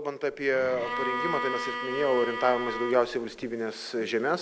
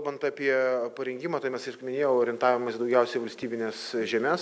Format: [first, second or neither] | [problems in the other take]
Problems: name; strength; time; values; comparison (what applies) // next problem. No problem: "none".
second | background sound (Bowed string instrument); 6 dB below the speech